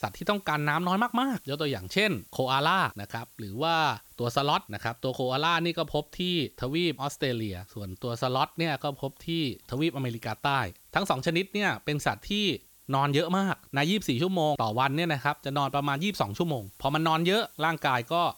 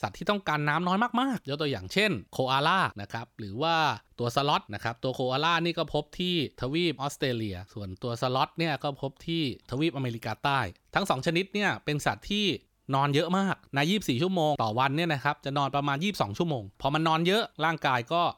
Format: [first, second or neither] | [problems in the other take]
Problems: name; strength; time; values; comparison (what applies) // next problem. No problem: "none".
second | hiss; faint; throughout; 25 dB below the speech